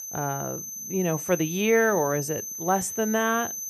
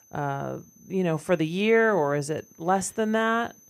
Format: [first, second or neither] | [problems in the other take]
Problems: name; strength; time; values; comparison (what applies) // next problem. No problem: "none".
second | high-pitched whine; loud; throughout; 6 kHz, 7 dB below the speech; faint in the second